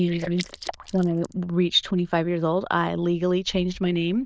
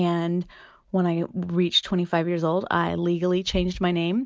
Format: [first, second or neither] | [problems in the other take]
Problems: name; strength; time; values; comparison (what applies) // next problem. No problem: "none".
second | noise reduction (neural diffusion model UNIVERSE++)